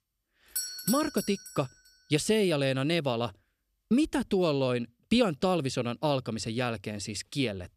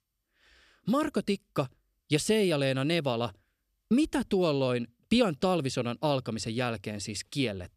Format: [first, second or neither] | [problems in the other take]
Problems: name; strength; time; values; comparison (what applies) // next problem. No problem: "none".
second | doorbell; noticeable; at 0.5 s; peak 2 dB below the speech